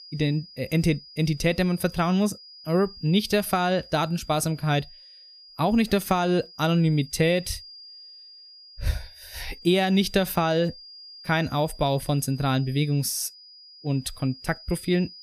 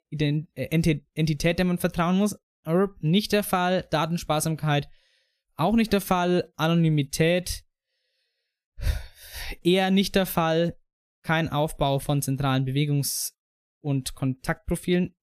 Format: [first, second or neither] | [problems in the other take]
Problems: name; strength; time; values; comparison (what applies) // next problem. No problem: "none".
second | high-pitched whine; noticeable; throughout; 5 kHz, 20 dB below the speech